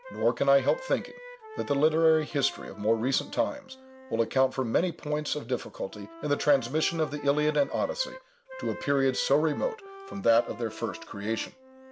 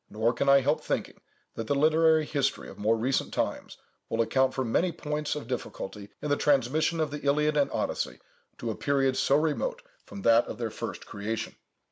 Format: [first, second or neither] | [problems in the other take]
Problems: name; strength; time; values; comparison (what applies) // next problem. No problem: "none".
second | background sound (Wind instrument, woodwind instrument); 17 dB below the speech